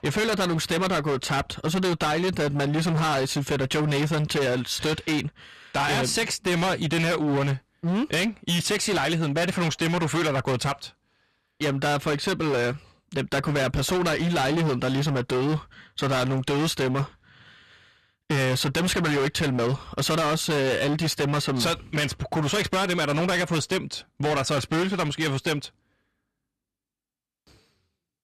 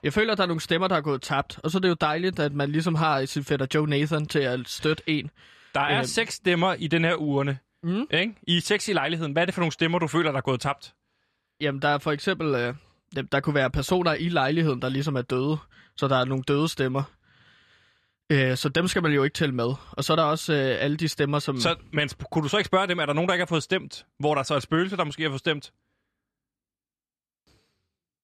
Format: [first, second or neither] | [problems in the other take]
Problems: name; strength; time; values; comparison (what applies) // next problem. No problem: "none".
second | distortion; heavy; 26% of the sound clipped